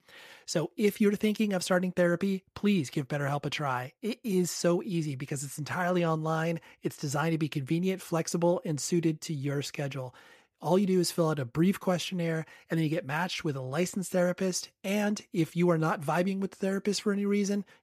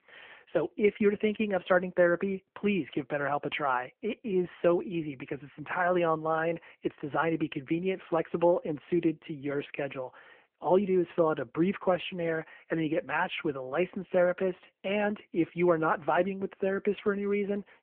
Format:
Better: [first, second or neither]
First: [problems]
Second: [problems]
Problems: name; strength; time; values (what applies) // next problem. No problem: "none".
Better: first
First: none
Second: phone-call audio